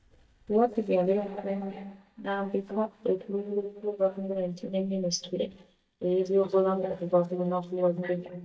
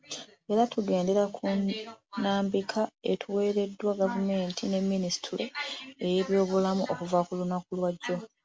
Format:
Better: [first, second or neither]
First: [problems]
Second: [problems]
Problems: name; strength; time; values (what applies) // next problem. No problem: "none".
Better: second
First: noise reduction (neural mask model DeepFilterNet 3)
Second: none